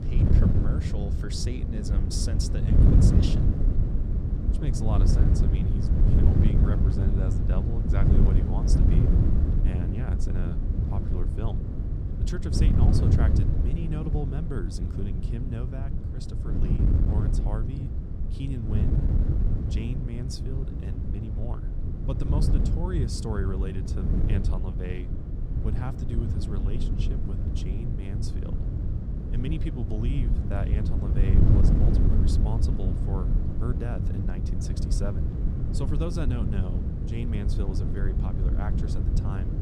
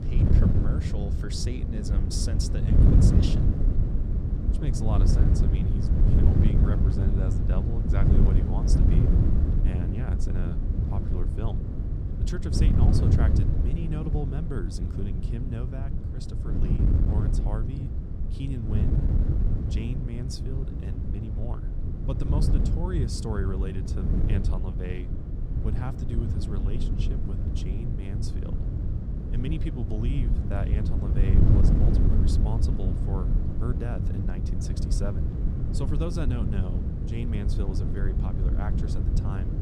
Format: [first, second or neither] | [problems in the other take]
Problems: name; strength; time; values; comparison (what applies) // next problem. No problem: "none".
neither | wind noise on the microphone; heavy; 2 dB above the speech; the same in both